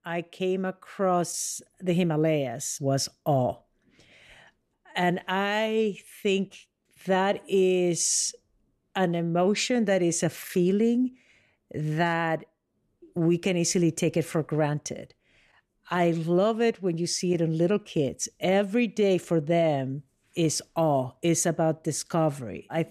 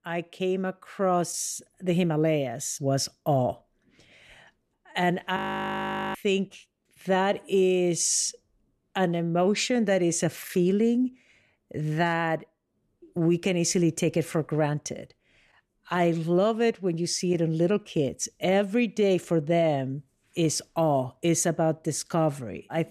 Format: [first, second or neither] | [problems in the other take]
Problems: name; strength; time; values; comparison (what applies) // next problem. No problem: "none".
first | audio freezing; at 5.5 s for 1 s